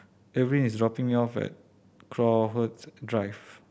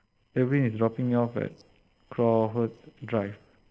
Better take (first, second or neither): first